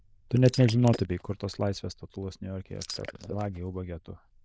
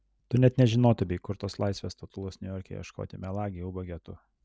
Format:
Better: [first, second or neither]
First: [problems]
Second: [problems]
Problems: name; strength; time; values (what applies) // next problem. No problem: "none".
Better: second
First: noise reduction (neural diffusion model UNIVERSE++)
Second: none